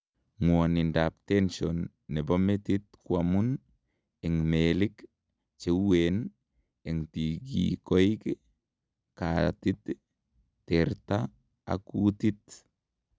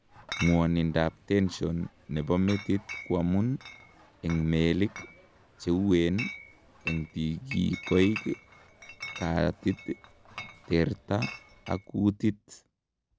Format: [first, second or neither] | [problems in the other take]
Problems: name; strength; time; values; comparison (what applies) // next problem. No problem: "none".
first | background sound (Chatter / Chink, clink); 15 dB below the speech